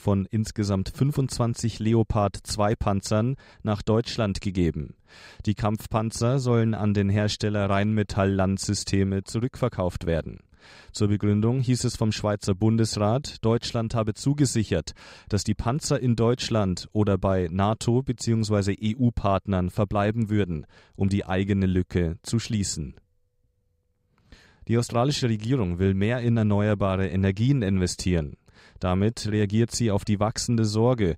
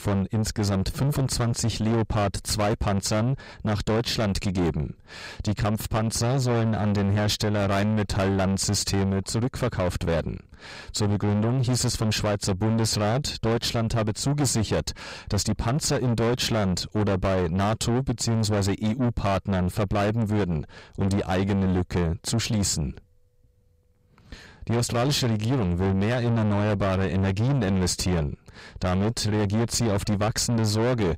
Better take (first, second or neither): first